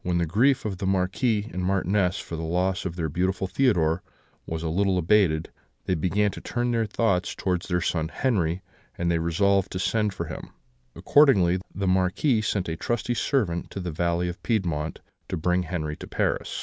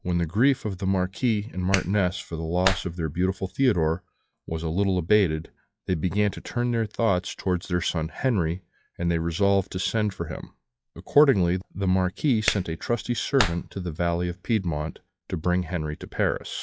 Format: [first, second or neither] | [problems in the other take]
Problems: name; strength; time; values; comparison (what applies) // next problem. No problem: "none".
first | noise reduction (classical method log-MMSE)